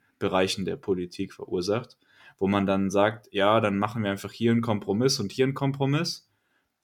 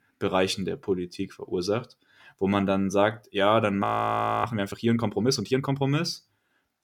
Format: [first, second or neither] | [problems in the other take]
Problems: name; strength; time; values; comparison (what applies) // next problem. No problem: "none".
first | audio freezing; at 4 s for 0.5 s